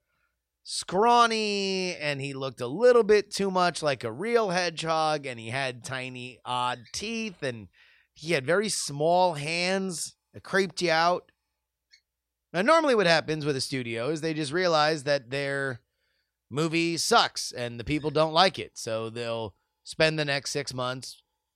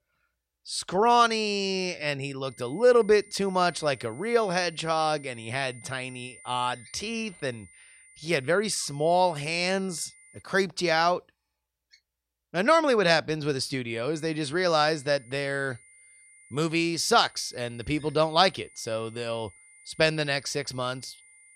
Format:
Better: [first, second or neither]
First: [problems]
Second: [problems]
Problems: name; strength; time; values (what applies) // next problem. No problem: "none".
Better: first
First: none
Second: high-pitched whine; faint; from 2.5 to 10 s and from 14 s on; 2 kHz, 25 dB below the speech